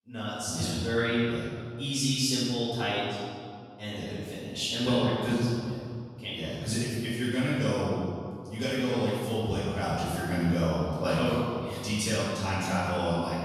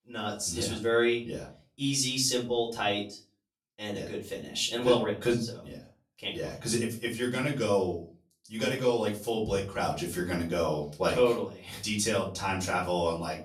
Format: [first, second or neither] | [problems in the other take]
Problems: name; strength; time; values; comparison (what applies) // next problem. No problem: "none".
second | room echo; strong; dies away in 2 s; slight in the second // off-mic speech; far; far in the second